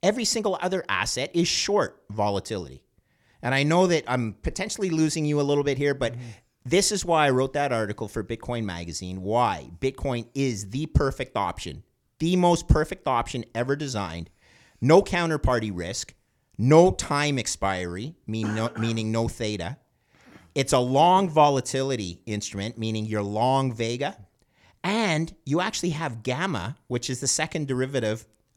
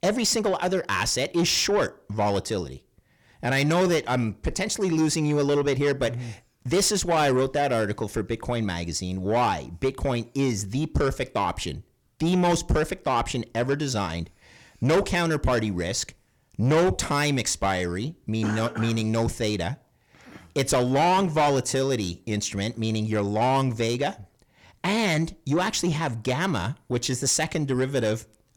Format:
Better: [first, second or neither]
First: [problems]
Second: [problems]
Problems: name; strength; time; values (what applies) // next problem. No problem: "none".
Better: first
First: none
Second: distortion; heavy; 8 dB below the speech